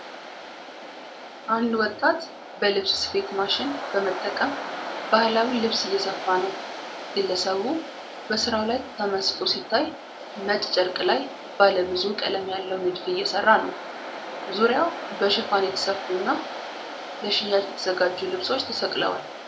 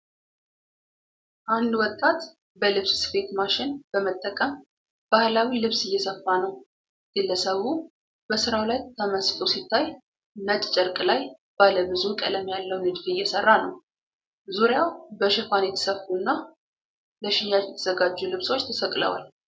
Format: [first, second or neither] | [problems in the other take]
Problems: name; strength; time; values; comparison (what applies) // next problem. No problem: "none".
second | background sound (Waves, surf); 10 dB below the speech